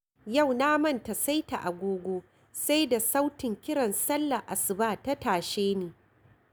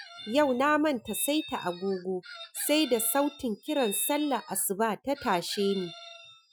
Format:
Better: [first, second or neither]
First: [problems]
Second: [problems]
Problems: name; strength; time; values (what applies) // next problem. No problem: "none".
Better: first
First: none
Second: noise reduction (classical method Wiener filter)